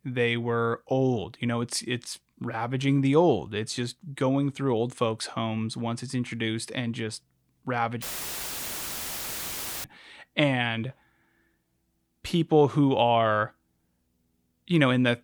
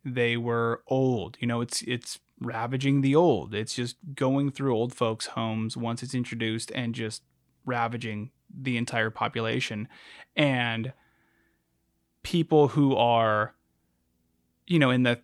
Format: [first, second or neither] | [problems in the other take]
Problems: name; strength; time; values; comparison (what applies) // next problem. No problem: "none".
second | audio cutting out; filled with static; at 8 s for 2 s